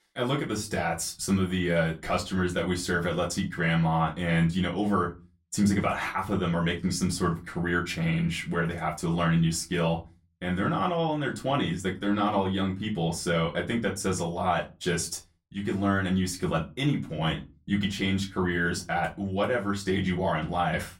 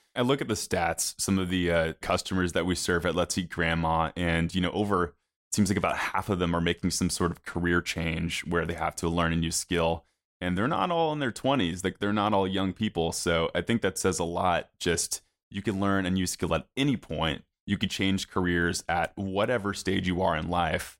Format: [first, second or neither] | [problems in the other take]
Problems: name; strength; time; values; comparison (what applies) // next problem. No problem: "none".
second | off-mic speech; far // room echo; very slight; dies away in 0.2 s